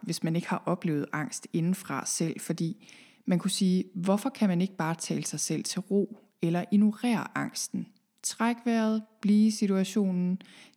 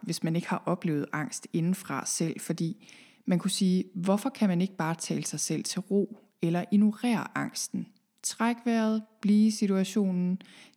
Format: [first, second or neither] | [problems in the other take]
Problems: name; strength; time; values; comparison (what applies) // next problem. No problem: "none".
neither | none